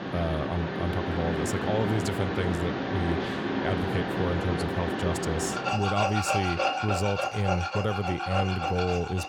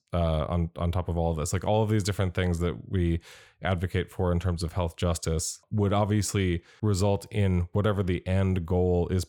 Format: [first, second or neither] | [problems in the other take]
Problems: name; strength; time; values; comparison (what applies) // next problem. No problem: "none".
second | machinery noise; very loud; throughout; 1 dB above the speech